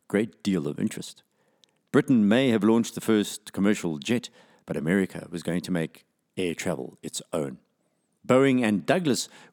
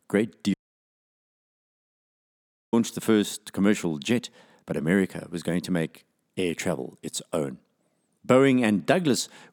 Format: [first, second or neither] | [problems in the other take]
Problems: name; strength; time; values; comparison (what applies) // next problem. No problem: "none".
first | audio cutting out; at 0.5 s for 2 s